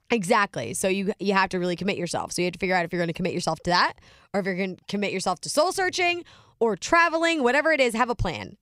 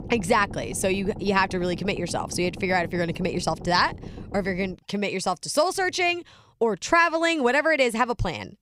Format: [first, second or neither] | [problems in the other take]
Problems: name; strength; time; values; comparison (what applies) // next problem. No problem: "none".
first | low rumble; faint; until 5 s; 20 dB below the speech